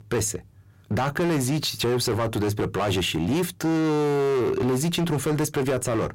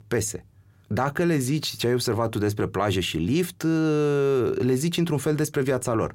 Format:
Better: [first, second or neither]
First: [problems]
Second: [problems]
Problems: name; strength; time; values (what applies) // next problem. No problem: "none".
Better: second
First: distortion; slight; 22% of the sound clipped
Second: none